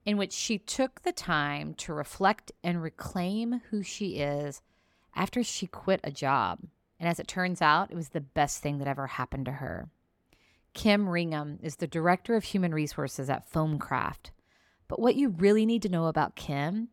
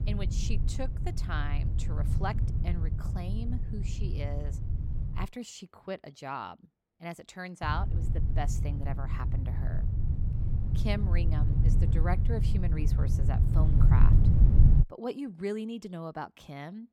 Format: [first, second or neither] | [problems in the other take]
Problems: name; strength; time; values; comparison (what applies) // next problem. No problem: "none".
first | low rumble; loud; until 5.5 s and from 7.5 to 15 s; 4 dB below the speech